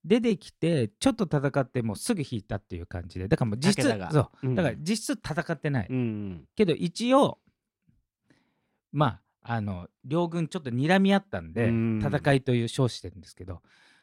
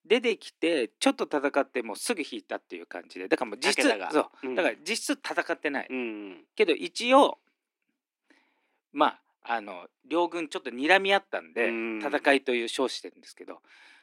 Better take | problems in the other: first | thin; somewhat; fading below 300 Hz

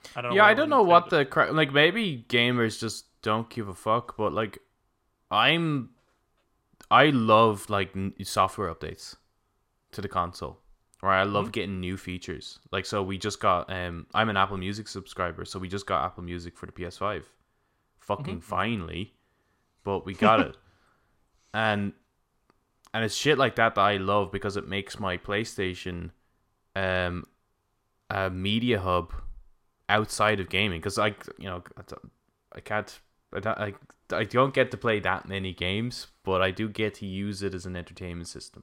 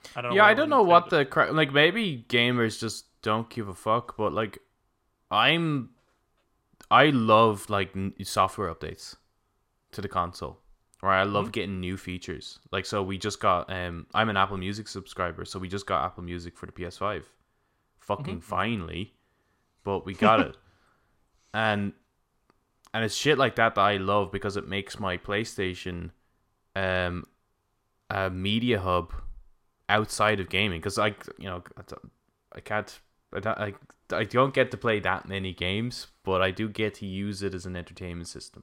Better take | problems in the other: neither | none

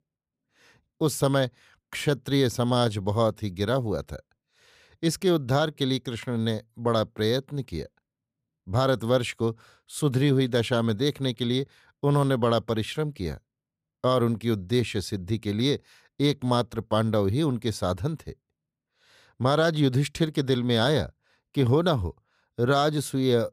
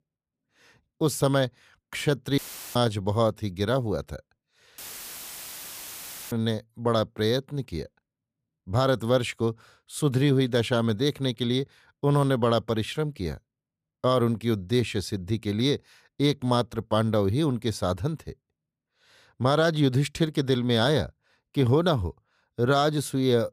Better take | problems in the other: first | audio cutting out; filled with static; at 2.5 s and at 5 s for 1.5 s

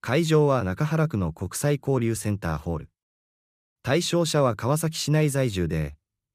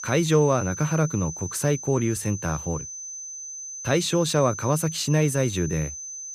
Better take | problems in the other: first | high-pitched whine; loud; throughout; 6 kHz, 10 dB below the speech

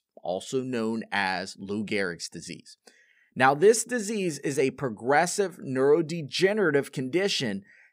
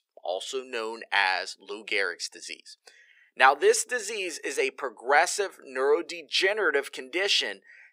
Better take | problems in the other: first | thin; very; fading below 400 Hz

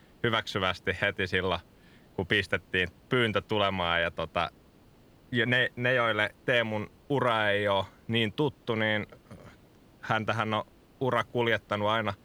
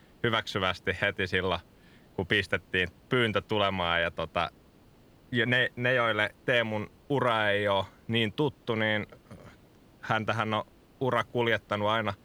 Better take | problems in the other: neither | hiss; faint; throughout; 30 dB below the speech; the same in both

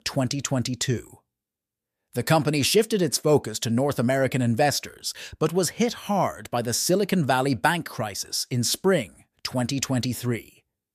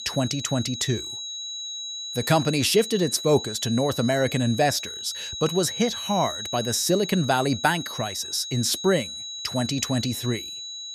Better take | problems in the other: first | high-pitched whine; loud; throughout; 4 kHz, 7 dB below the speech

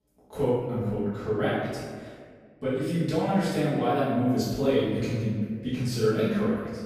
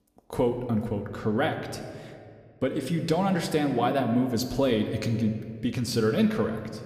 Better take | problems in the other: second | room echo; strong; dies away in 1.5 s; slight in the second // off-mic speech; far

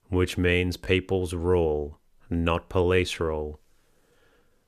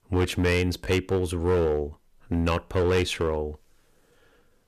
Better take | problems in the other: first | distortion; slight; 6% of the sound clipped

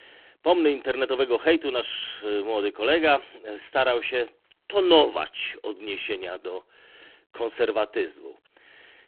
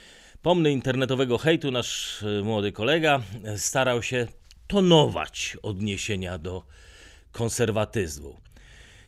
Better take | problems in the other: second | phone-call audio; poor line

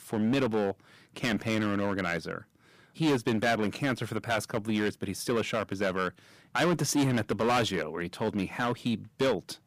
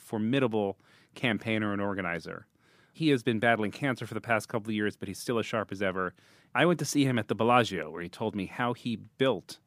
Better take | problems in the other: second | distortion; heavy; 9% of the sound clipped

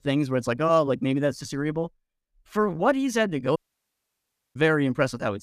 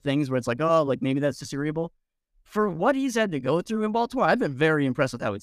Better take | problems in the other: second | audio cutting out; at 3.5 s for 1 s

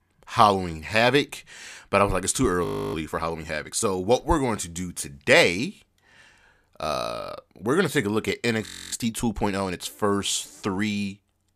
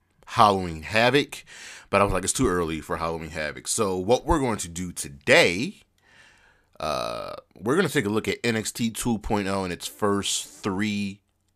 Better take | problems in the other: second | audio freezing; at 2.5 s and at 8.5 s

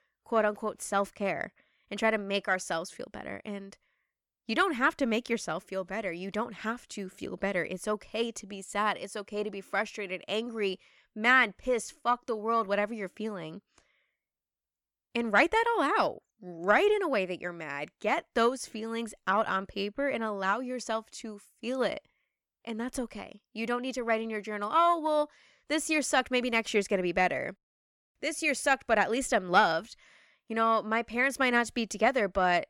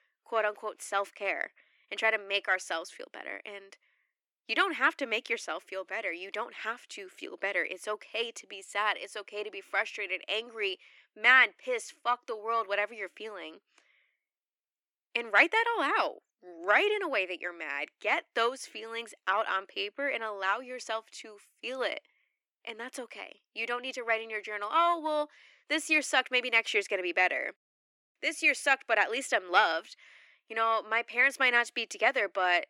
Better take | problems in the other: first | thin; somewhat; fading below 300 Hz

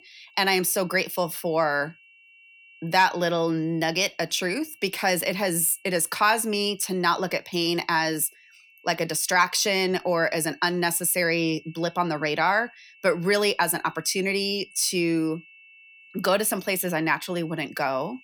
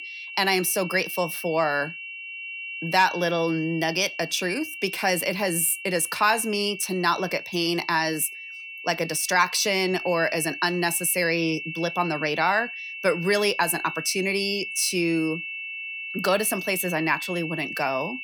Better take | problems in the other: first | high-pitched whine; loud; throughout; 2.5 kHz, 9 dB below the speech; faint in the first

